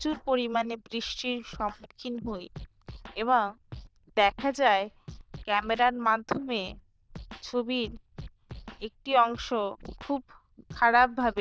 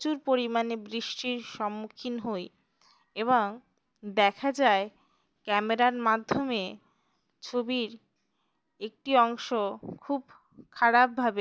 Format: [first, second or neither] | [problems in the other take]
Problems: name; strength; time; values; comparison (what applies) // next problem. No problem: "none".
second | noise reduction (neural diffusion model UNIVERSE++)